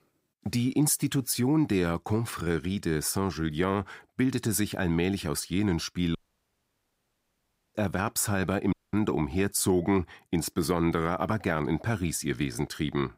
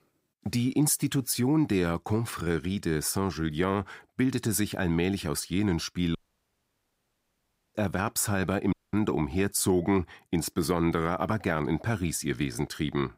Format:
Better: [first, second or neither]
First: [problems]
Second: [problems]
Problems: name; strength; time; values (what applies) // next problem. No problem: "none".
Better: neither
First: audio cutting out; at 6 s for 1.5 s and at 8.5 s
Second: audio cutting out; at 6 s for 1.5 s and at 8.5 s